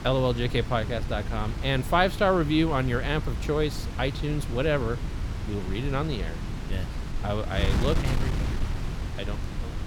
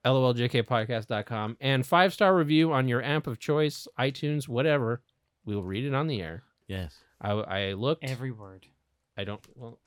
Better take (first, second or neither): second